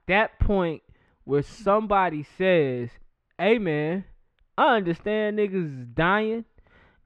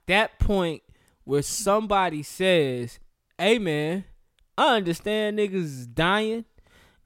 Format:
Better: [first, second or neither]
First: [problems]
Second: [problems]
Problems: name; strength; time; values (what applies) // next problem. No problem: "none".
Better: second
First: muffled; very; fading above 2 kHz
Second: none